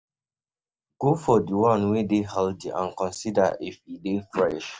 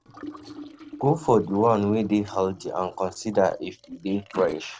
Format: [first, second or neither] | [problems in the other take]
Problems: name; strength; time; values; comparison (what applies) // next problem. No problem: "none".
first | noise reduction (neural separator model SepFormer DNS4)